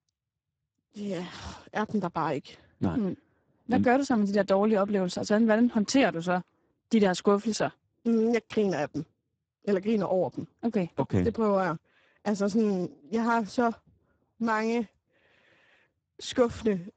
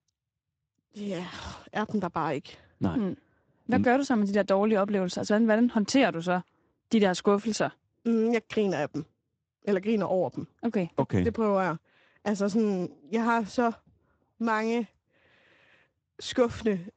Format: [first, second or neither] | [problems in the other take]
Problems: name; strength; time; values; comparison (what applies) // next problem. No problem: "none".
second | garbled, watery; badly; nothing above 8 kHz; slightly in the second